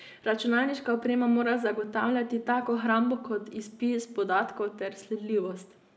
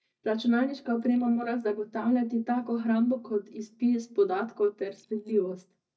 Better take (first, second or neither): first